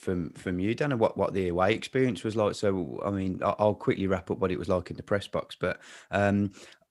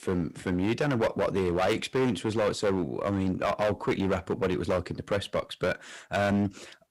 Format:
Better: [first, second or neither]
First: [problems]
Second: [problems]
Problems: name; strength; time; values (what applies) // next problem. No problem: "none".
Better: first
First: none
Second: distortion; heavy; 11% of the sound clipped